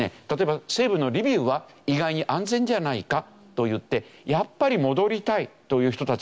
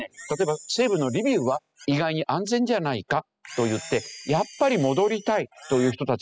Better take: first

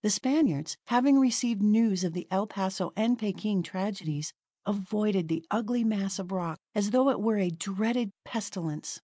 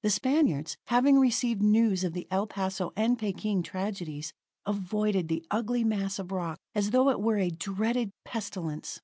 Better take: second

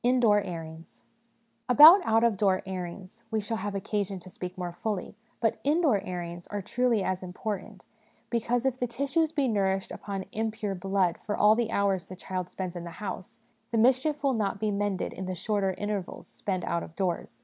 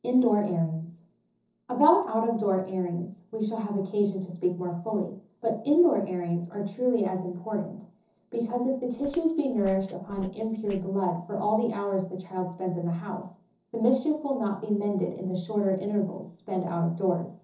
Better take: first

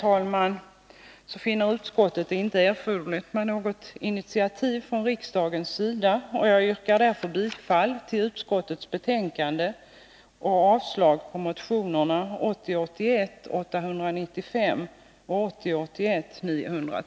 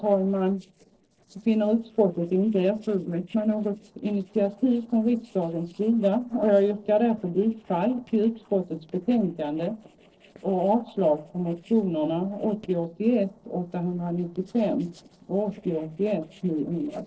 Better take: first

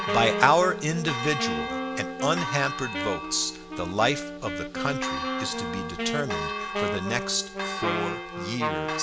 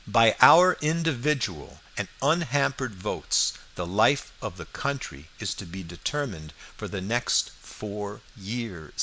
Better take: second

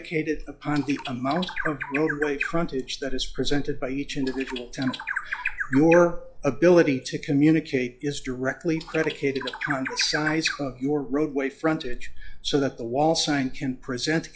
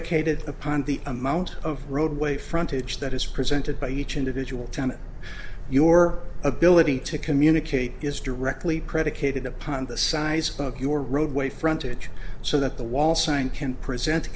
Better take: second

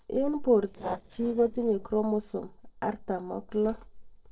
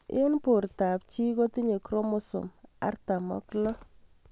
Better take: second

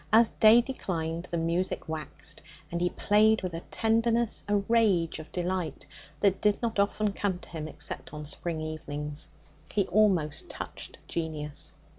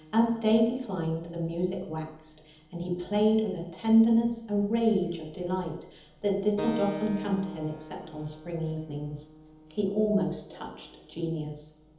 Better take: first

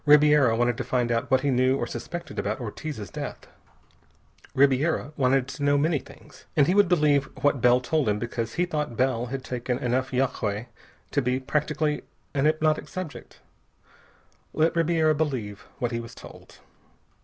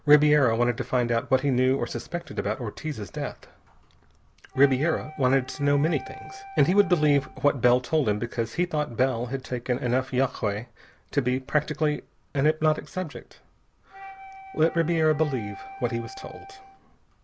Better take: first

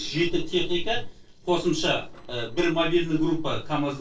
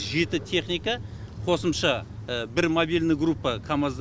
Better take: second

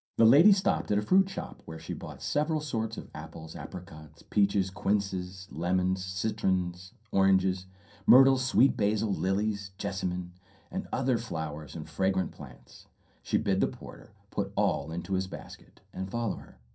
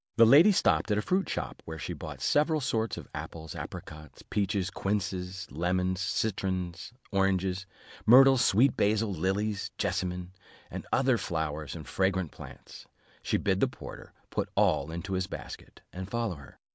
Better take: second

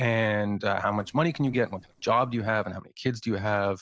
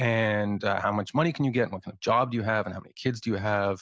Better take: second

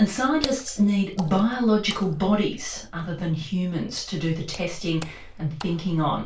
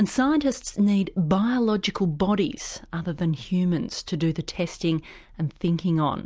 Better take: second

